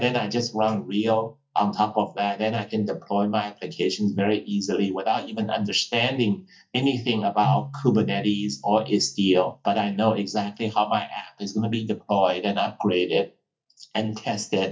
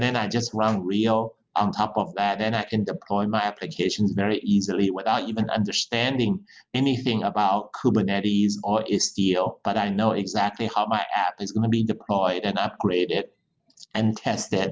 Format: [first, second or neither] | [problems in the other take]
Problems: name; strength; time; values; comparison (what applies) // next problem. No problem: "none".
second | noise reduction (neural mask model DeepFilterNet 3)